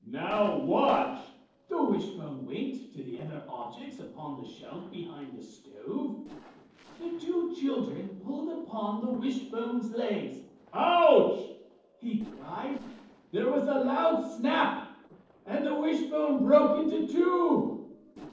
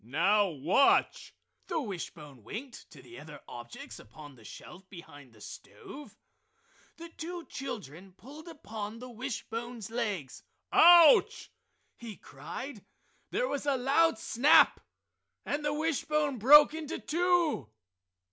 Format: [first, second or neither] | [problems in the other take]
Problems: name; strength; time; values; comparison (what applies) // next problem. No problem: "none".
second | noise reduction (neural separator model SepFormer DNS4)